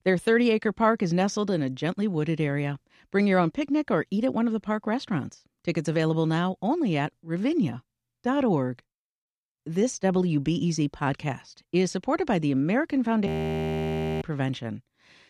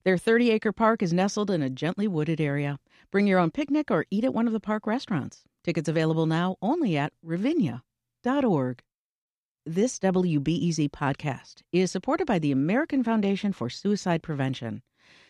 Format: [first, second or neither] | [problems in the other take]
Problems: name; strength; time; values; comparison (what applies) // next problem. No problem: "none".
second | audio freezing; at 13 s for 1 s